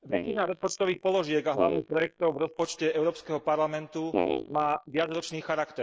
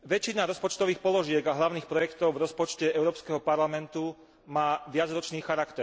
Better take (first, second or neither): second